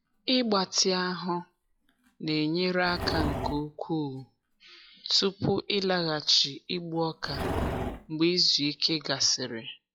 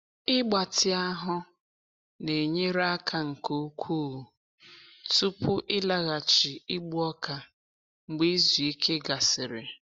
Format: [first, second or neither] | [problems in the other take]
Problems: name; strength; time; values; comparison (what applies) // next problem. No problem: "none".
second | noise reduction (classical method log-MMSE)